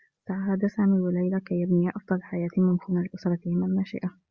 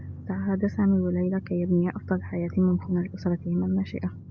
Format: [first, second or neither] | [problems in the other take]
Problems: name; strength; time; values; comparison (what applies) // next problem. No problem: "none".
first | background sound (Drum); 13 dB below the speech